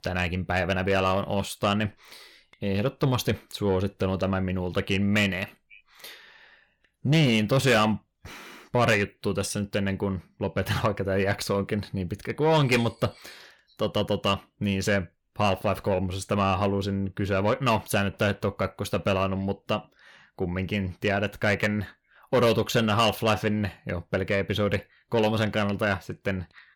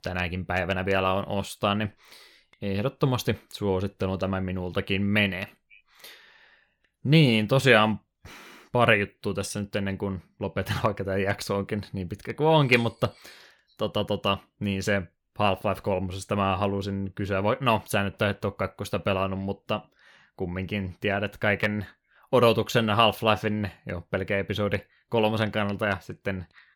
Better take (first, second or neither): second